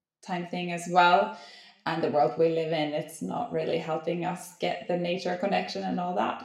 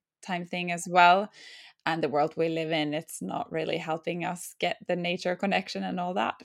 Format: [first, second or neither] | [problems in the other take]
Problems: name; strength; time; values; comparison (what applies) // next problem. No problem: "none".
second | room echo; very slight; dies away in 0.5 s